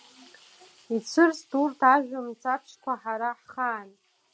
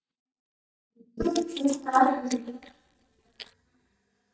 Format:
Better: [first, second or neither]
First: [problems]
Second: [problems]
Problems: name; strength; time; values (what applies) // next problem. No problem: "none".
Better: first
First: none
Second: noise reduction (neural mask model DeepFilterNet 3)